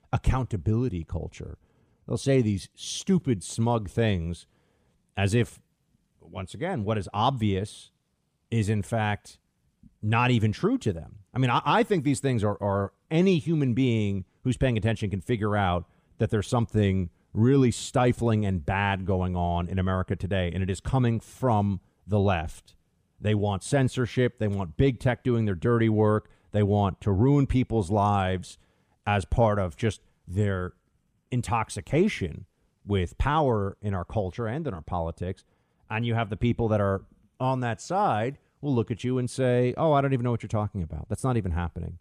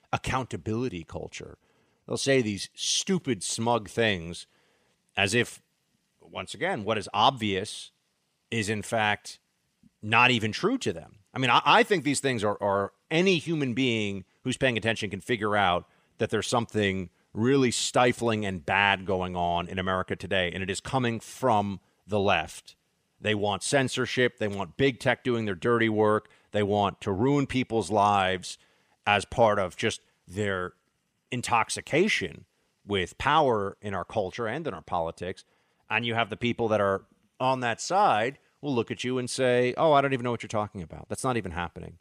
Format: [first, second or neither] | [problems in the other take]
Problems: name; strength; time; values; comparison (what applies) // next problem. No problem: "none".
first | thin; somewhat; fading below 450 Hz